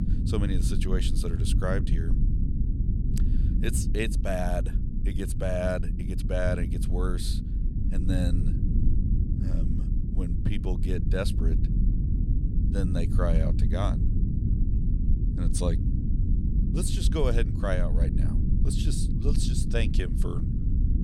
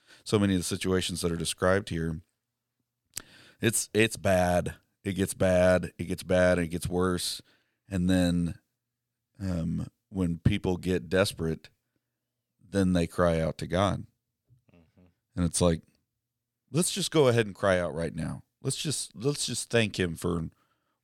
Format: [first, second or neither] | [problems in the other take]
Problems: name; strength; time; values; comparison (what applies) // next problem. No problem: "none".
second | low rumble; loud; throughout; 6 dB below the speech